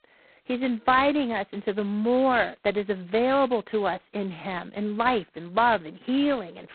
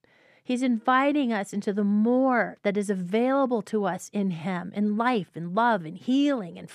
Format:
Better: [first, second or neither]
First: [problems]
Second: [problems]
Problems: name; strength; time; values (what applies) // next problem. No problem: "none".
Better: second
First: phone-call audio; poor line; nothing above 4 kHz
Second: none